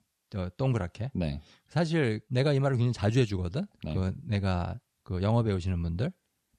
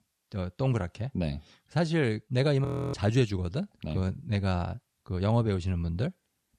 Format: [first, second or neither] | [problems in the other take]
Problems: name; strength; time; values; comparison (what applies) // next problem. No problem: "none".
first | audio freezing; at 2.5 s